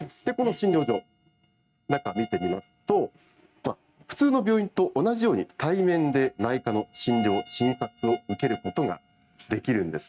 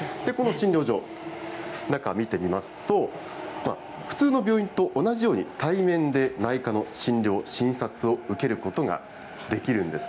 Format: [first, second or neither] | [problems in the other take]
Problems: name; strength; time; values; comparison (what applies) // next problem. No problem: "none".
second | noise reduction (neural mask model RNNoise)